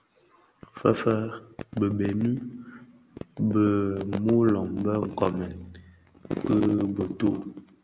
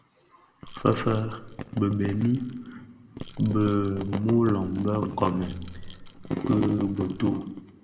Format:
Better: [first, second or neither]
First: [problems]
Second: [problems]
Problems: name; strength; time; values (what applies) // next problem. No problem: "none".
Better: first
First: none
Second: background sound (Rattle / Rattle (instrument)); 18 dB below the speech // room echo; dies away in 1.8 s